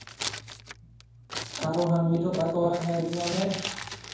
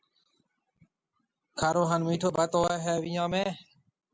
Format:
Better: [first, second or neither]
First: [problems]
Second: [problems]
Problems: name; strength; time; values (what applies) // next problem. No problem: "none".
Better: second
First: background sound (Crumpling, crinkling); 10 dB below the speech // room echo; dies away in 0.9 s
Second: none